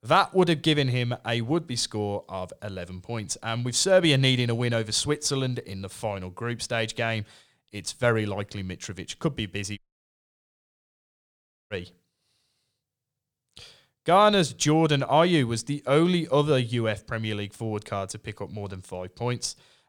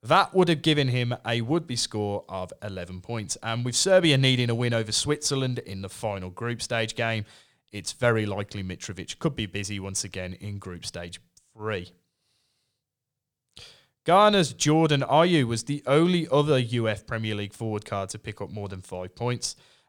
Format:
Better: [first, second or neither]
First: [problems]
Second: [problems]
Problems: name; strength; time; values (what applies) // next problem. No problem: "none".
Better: second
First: audio cutting out; at 10 s for 2 s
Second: none